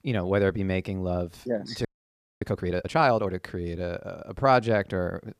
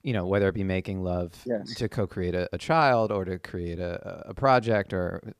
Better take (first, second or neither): second